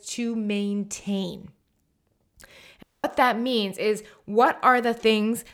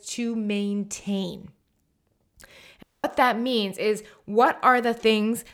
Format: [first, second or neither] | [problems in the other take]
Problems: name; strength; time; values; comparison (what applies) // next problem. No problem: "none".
neither | audio cutting out; at 3 s; the same in both